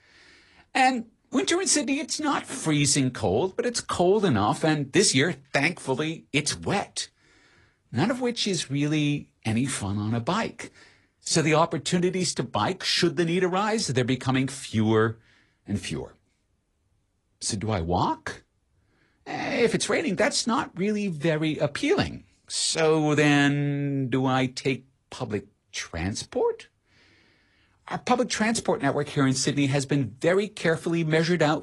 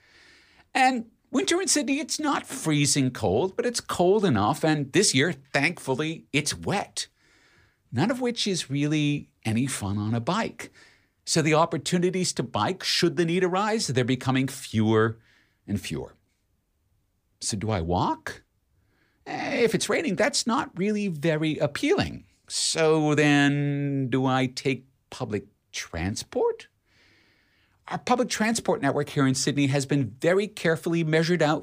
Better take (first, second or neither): second